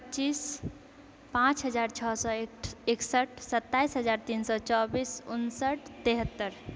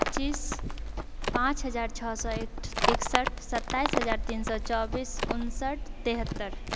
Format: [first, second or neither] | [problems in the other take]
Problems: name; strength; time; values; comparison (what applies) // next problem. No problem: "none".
first | background sound (Livestock, farm animals, working animals); 2 dB above the speech